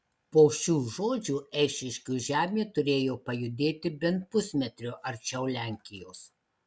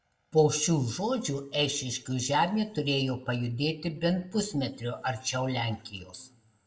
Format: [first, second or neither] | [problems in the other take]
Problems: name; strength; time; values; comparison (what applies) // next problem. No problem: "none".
first | room echo; dies away in 0.5 s